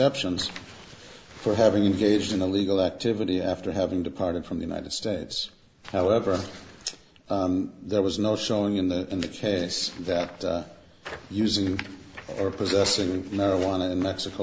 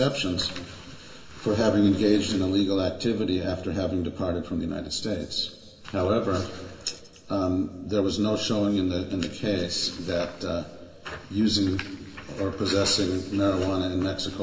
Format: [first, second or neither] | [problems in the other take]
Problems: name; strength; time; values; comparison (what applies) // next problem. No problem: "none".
first | room echo; dies away in 1.7 s